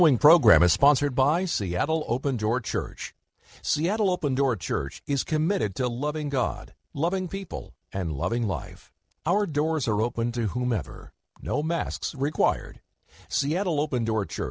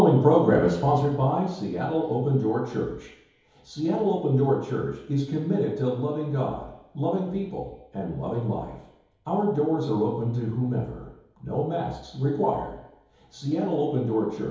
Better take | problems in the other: first | room echo; dies away in 2.2 s

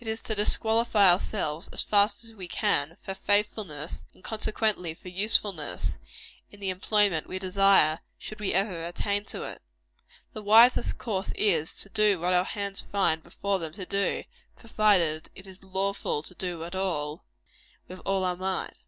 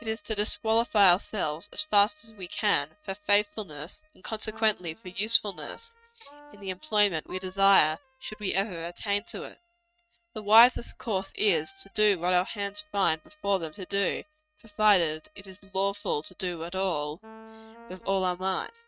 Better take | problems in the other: first | noise reduction (neural mask model RNNoise)

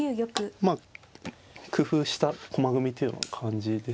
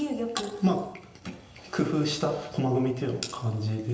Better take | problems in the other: first | room echo; dies away in 0.9 s

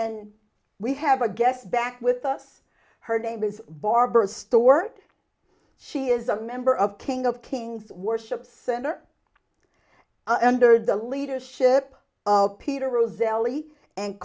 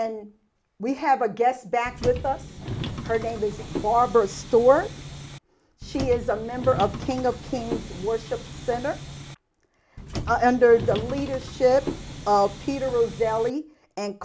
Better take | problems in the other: first | background sound (Subway, metro, underground); 10 dB below the speech

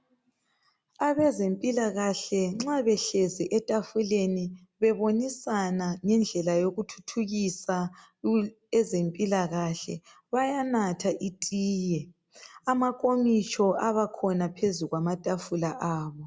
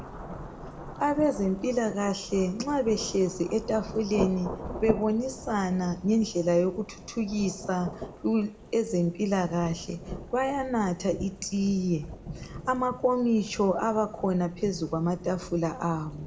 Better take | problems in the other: first | background sound (Rain / Thunderstorm); 12 dB below the speech // room echo; dies away in 0.5 s

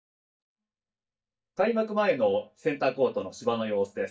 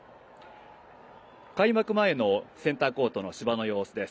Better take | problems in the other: second | noise reduction (neural mask model DeepFilterNet 3)

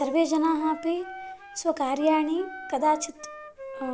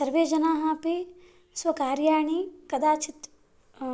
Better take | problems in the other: second | background sound (Wind instrument, woodwind instrument); 15 dB below the speech

